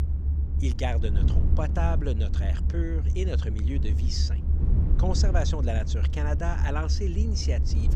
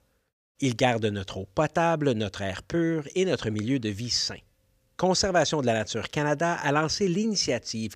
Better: second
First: low rumble; loud; throughout; 7 dB below the speech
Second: none

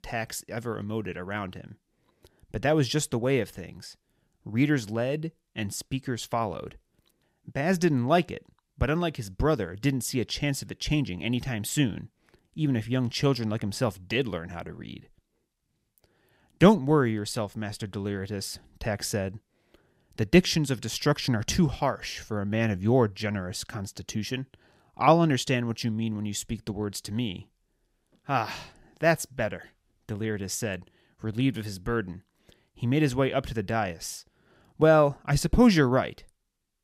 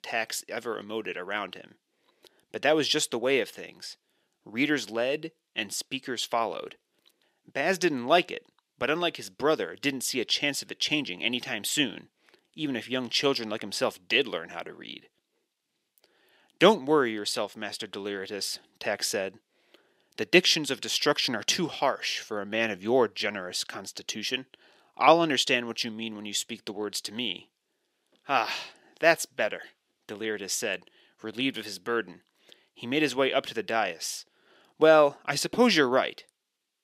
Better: first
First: none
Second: thin; somewhat; fading below 400 Hz

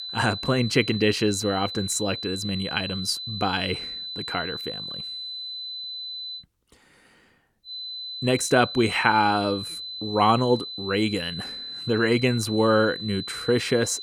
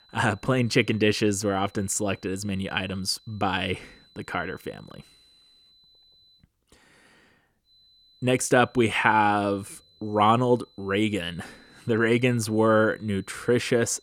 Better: second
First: high-pitched whine; loud; until 6.5 s and from 7.5 s on; 4 kHz, 8 dB below the speech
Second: high-pitched whine; faint; until 6.5 s and from 7.5 s on; 4 kHz, 30 dB below the speech

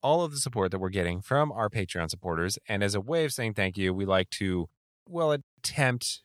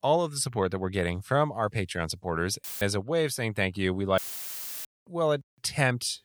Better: first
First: none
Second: audio cutting out; filled with static; at 2.5 s and at 4 s for 0.5 s

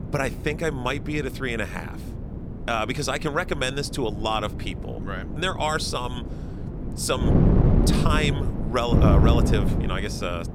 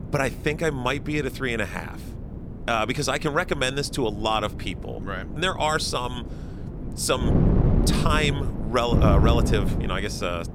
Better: second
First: wind noise on the microphone; heavy; 7 dB below the speech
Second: wind noise on the microphone; occasional gusts; 10 dB below the speech

